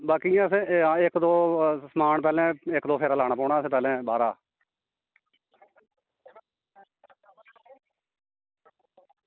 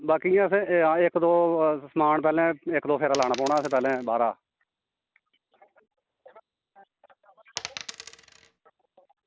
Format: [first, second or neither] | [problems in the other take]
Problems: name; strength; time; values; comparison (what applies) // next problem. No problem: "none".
first | background sound (Coin (dropping)); 14 dB below the speech